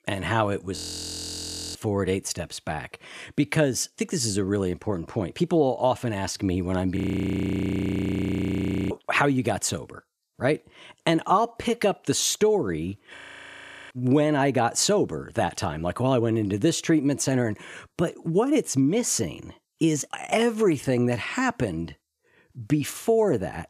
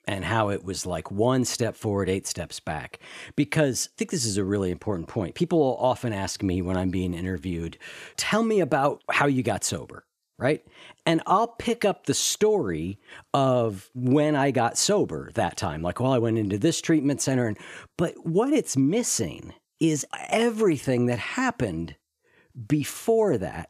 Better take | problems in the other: second | audio freezing; at 1 s for 1 s, at 7 s for 2 s and at 13 s for 0.5 s

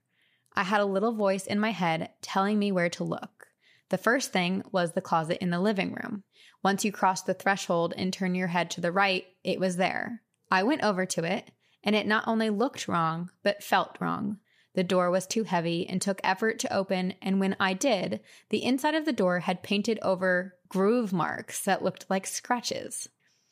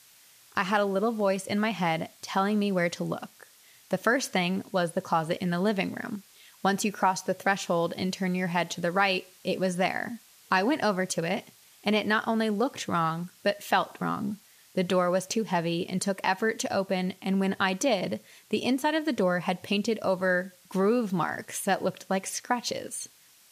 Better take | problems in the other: first | hiss; faint; throughout; 25 dB below the speech

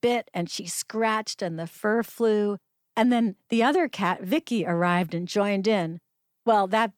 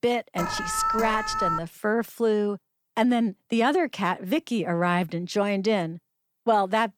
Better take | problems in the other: first | alarm; loud; until 1.5 s; peak level with the speech

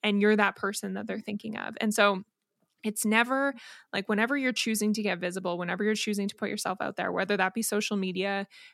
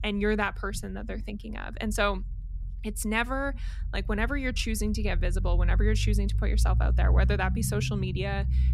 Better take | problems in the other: first | low rumble; noticeable; throughout; 15 dB below the speech

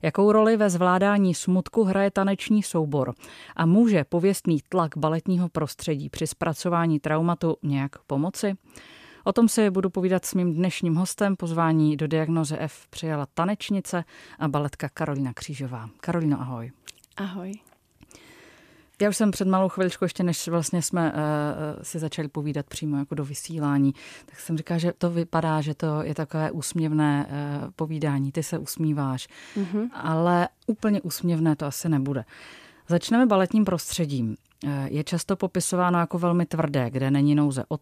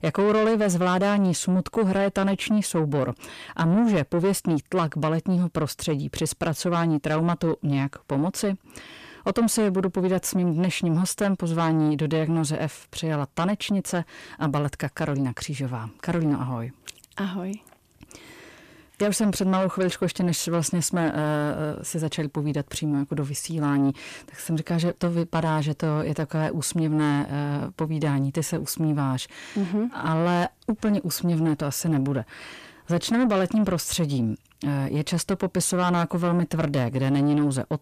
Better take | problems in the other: first | distortion; slight; 10 dB below the speech

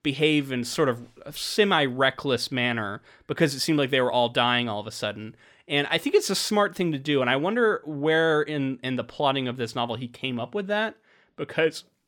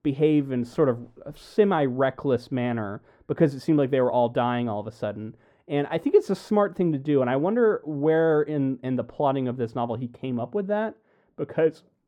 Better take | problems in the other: first | muffled; very; fading above 1.5 kHz

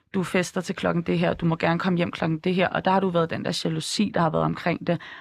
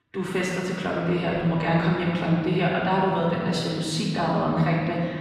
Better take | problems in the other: first | room echo; noticeable; dies away in 1.9 s // off-mic speech; far

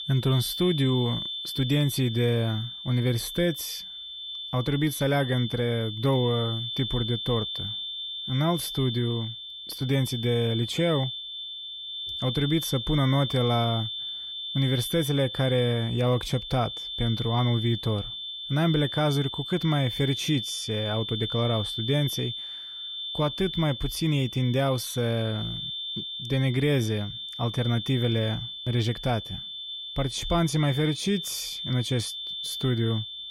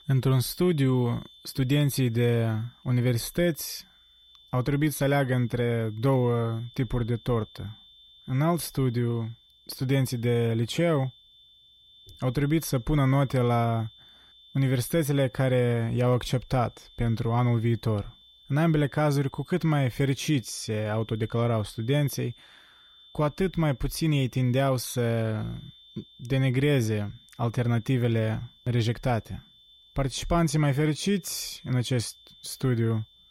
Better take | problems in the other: second | high-pitched whine; loud; throughout; 3.5 kHz, 6 dB below the speech; faint in the second

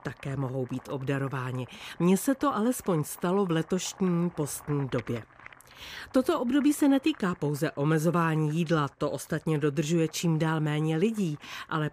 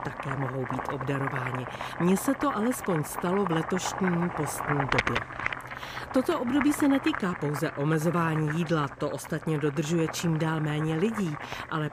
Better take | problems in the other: first | household noises; loud; throughout; 6 dB below the speech; faint in the first

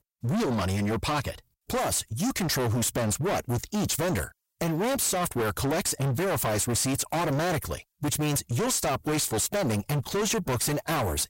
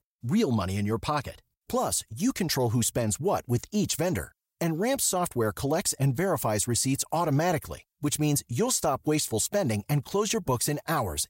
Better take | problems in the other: second | distortion; heavy; 35% of the sound clipped

